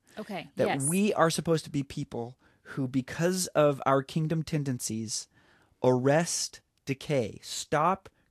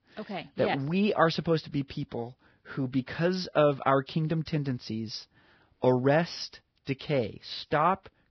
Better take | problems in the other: first | garbled, watery; badly; nothing above 5.5 kHz; slightly in the first

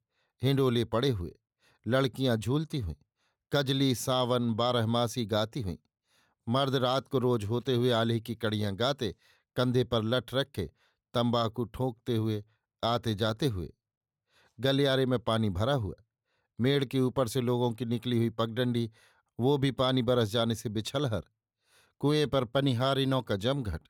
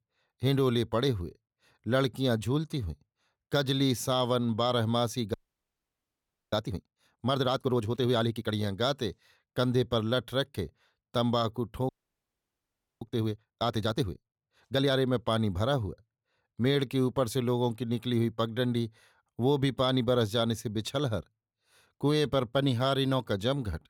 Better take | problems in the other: first | audio freezing; at 5.5 s for 1 s and at 12 s for 1 s

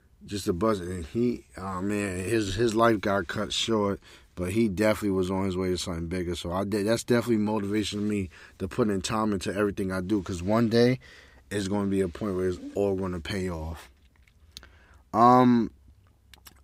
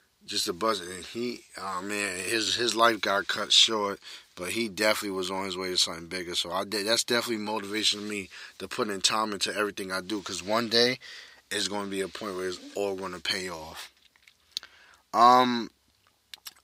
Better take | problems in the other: first | thin; somewhat; fading below 1 kHz

